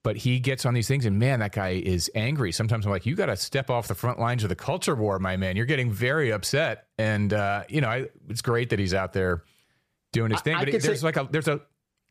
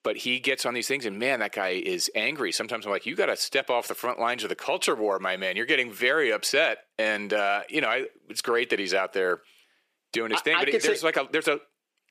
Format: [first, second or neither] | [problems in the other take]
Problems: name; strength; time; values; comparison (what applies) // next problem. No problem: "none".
first | thin; very; fading below 300 Hz